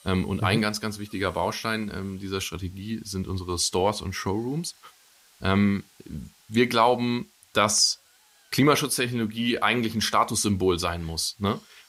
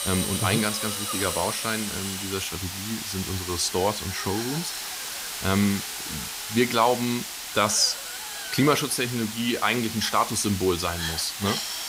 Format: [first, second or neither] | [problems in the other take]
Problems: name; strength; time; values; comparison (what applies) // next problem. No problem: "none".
first | hiss; loud; throughout; 5 dB below the speech; faint in the first